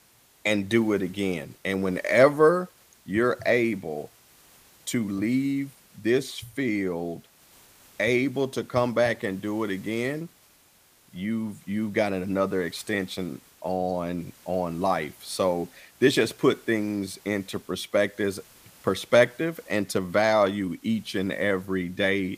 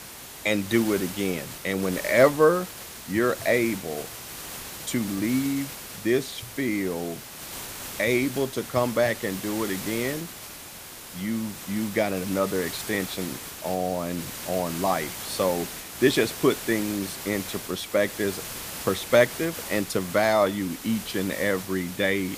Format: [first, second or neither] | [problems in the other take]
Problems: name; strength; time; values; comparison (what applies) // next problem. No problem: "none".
first | hiss; loud; throughout; 10 dB below the speech; faint in the first